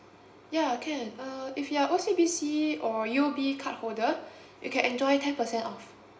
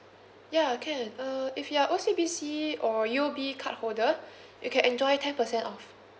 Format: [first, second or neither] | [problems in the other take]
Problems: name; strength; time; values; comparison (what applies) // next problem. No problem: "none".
second | room echo; dies away in 0.4 s